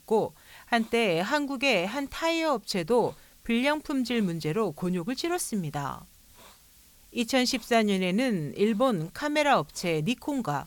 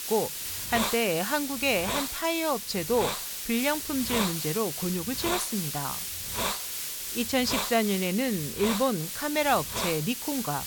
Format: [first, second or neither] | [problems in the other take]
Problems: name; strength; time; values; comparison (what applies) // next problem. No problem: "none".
first | hiss; loud; throughout; 2 dB below the speech; faint in the first